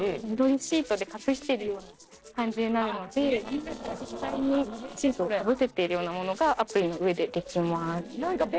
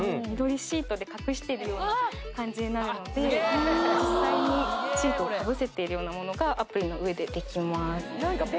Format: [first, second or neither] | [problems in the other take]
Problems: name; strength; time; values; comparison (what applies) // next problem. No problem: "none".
second | noise reduction (neural separator model SepFormer DNS4)